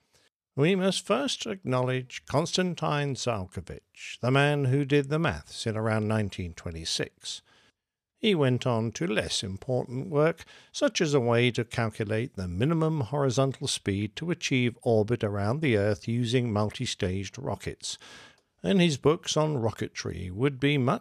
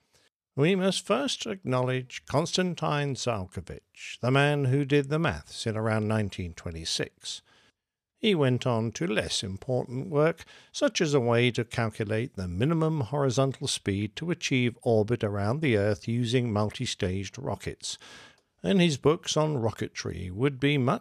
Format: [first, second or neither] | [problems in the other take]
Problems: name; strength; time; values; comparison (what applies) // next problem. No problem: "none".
neither | none